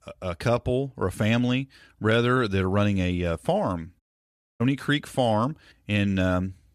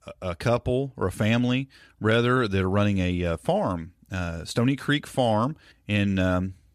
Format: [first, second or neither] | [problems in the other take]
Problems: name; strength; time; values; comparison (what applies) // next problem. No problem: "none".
second | audio cutting out; at 4 s for 0.5 s